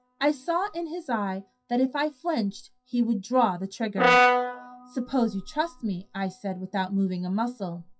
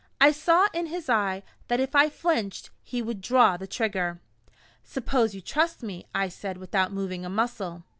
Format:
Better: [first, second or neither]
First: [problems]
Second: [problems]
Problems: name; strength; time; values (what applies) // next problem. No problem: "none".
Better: second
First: noise reduction (classical method WPE with log-MMSE)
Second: none